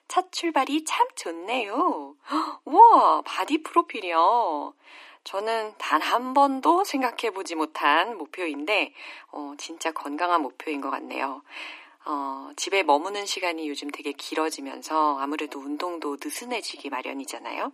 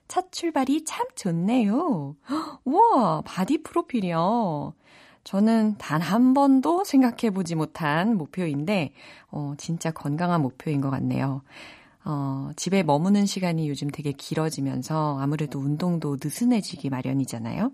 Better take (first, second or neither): second